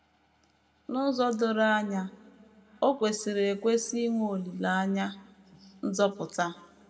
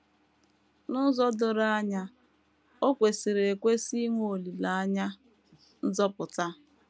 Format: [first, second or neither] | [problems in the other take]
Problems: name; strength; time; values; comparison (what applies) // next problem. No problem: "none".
second | room echo; dies away in 1 s